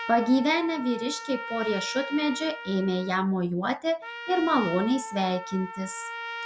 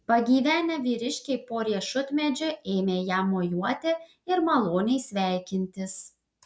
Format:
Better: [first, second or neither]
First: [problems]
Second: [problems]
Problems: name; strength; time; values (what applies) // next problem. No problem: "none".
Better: second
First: background sound (Trumpet); 11 dB below the speech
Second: none